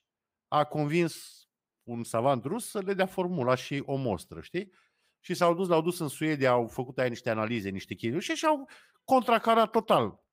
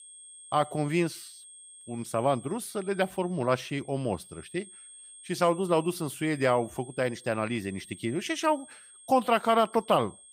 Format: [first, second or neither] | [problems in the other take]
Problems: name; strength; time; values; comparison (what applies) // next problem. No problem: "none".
first | high-pitched whine; noticeable; throughout; 8.5 kHz, 20 dB below the speech